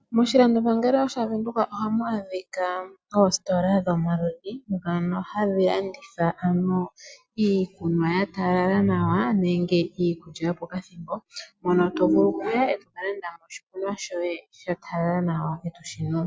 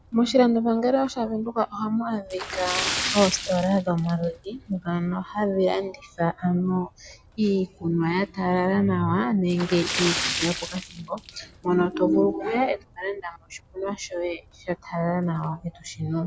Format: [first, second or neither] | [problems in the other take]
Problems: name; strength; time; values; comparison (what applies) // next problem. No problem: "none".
first | background sound (Splash, splatter); 11 dB below the speech